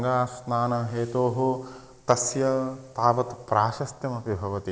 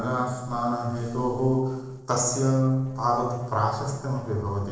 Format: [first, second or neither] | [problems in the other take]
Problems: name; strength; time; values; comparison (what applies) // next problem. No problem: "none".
first | noise reduction (neural separator model SepFormer DNS4)